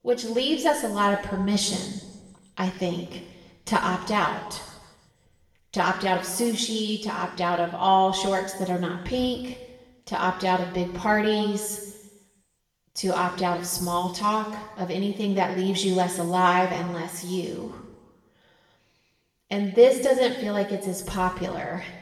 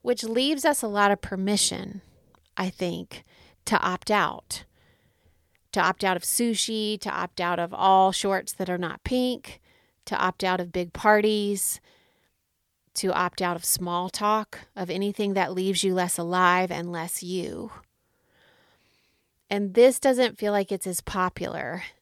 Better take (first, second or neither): second